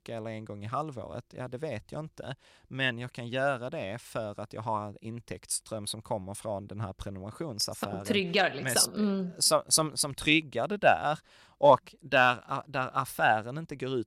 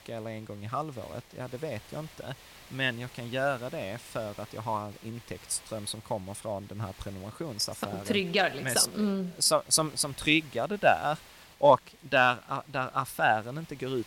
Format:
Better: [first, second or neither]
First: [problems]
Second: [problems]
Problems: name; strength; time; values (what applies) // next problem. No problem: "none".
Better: first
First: none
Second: hiss; faint; throughout; 20 dB below the speech